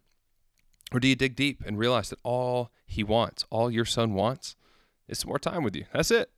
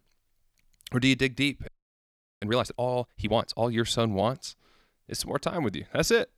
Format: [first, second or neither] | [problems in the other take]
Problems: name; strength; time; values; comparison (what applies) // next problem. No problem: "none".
first | audio freezing; at 1.5 s for 0.5 s